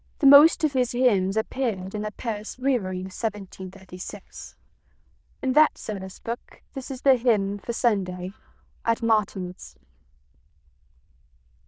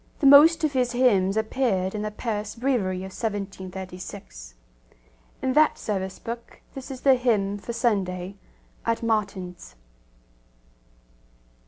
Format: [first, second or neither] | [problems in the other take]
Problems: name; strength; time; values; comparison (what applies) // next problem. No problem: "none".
second | noise reduction (neural diffusion model UNIVERSE++)